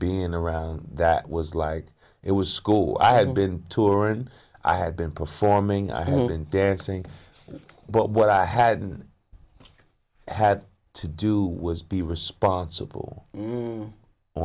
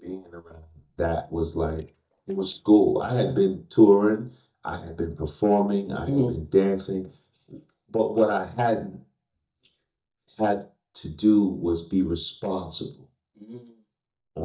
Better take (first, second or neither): first